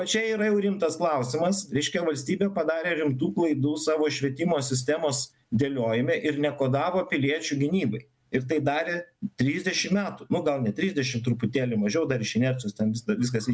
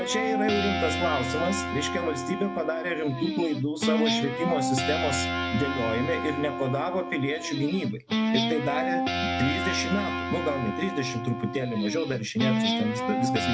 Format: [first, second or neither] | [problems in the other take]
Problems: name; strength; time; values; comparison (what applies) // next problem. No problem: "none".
first | background sound (Guitar); as loud as the speech